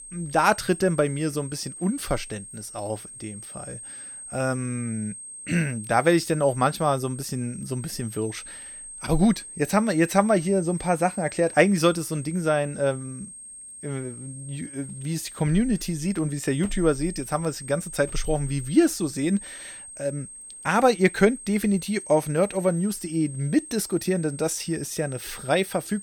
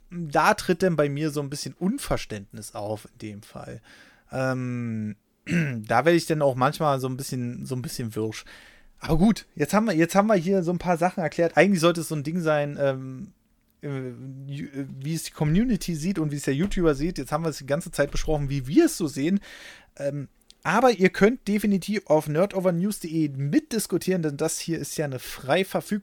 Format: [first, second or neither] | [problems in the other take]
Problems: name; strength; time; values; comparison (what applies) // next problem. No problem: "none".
second | high-pitched whine; noticeable; throughout; 8.5 kHz, 15 dB below the speech